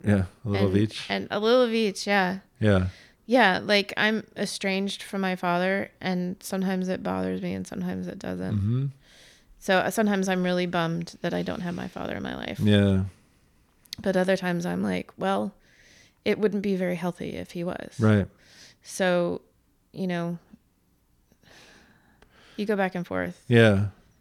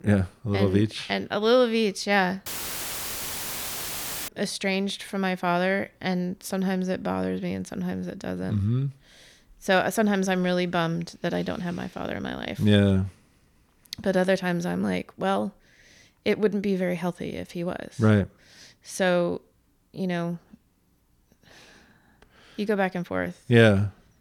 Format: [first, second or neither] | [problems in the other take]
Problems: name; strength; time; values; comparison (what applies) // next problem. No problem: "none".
first | audio cutting out; filled with static; at 2.5 s for 2 s